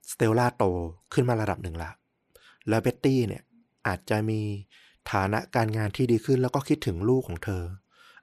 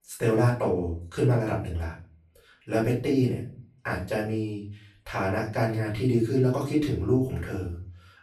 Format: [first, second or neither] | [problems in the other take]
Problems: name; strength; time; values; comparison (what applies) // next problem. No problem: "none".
first | off-mic speech; far // room echo; slight; dies away in 0.4 s